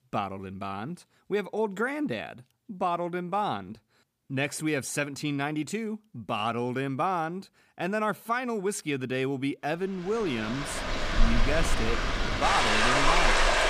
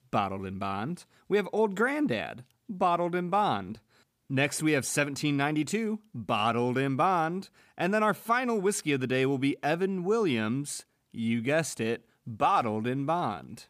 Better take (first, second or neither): second